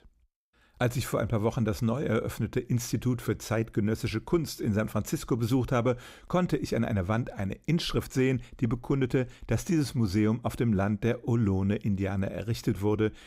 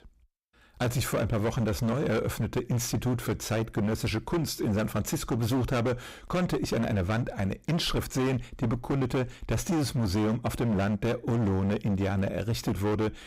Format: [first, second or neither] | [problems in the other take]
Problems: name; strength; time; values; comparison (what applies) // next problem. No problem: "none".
first | distortion; heavy; 22% of the sound clipped